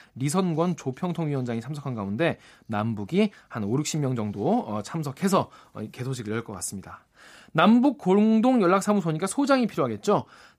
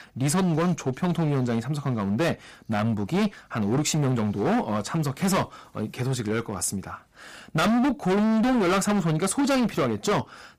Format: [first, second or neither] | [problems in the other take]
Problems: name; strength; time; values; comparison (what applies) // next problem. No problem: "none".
first | distortion; heavy; 20% of the sound clipped